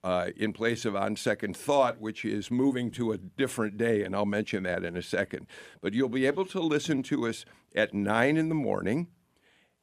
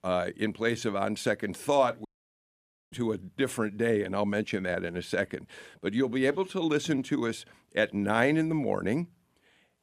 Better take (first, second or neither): first